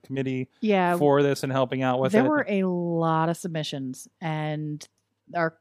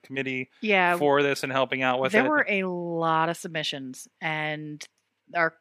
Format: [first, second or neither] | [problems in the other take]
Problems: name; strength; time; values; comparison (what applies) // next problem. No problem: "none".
first | thin; very slightly; fading below 600 Hz